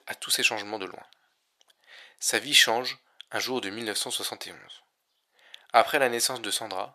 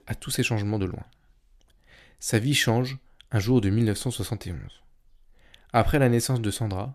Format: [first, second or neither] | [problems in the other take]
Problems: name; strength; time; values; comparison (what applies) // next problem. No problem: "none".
second | thin; very; fading below 700 Hz